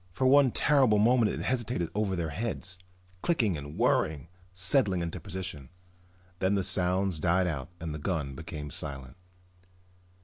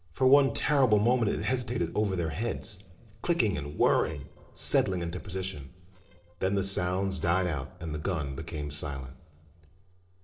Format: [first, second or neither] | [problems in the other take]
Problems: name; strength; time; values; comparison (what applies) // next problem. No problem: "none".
first | noise reduction (neural separator model SepFormer DNS4)